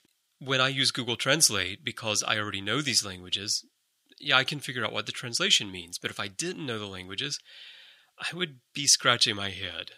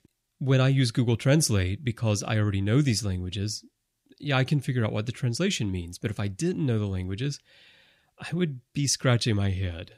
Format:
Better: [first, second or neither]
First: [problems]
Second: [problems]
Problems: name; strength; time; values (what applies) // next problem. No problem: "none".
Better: second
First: thin; very; fading below 1 kHz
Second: none